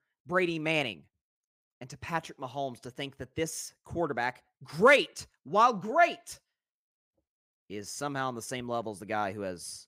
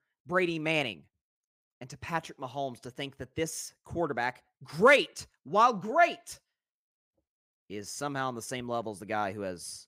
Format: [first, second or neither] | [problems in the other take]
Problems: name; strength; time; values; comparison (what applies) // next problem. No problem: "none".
neither | none